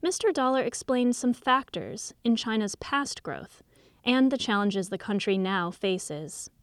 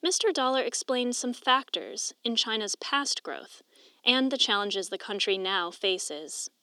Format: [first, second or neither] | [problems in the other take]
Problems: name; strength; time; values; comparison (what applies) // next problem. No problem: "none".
first | thin; very slightly; fading below 250 Hz